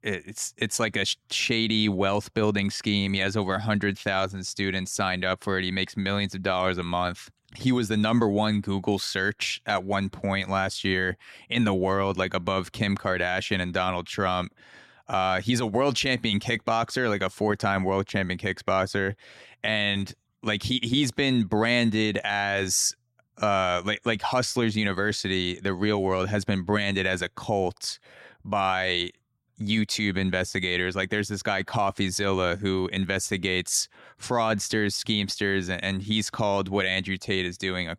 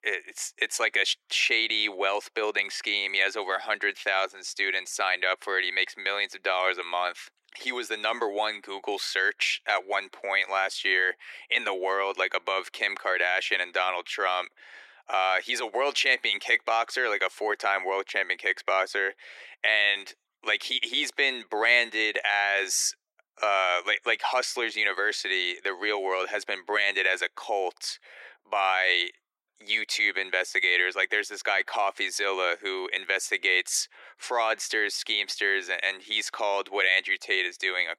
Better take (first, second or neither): first